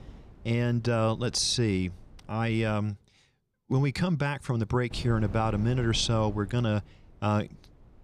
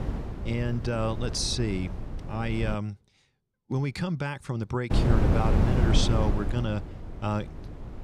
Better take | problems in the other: first | wind noise on the microphone; heavy; until 3 s and from 5 s on; 4 dB below the speech; occasional gusts in the first

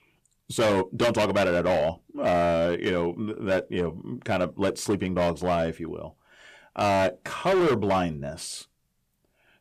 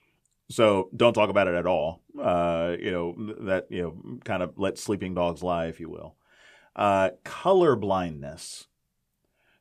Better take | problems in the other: second | distortion; heavy; 11% of the sound clipped

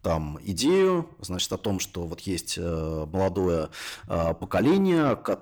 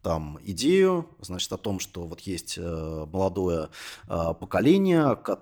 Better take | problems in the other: second | distortion; slight; 10 dB below the speech

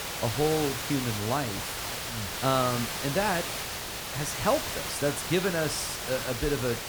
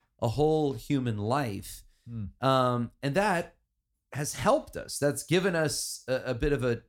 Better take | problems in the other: second | hiss; loud; throughout; 3 dB below the speech

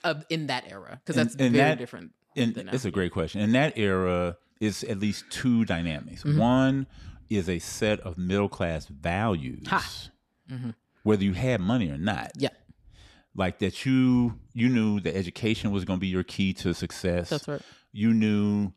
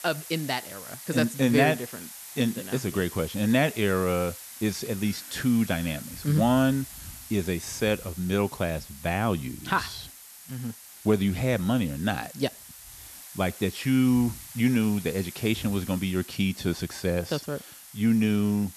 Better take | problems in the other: first | hiss; noticeable; throughout; 15 dB below the speech

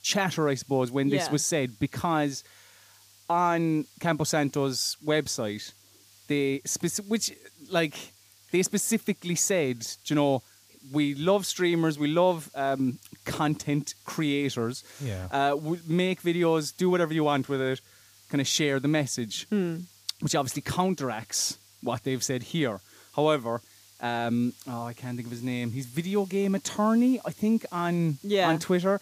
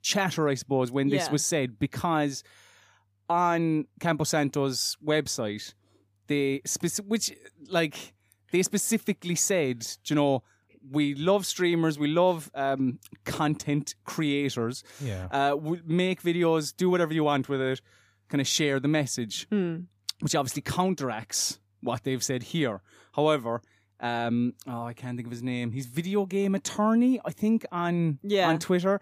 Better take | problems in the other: second | hiss; faint; throughout; 25 dB below the speech

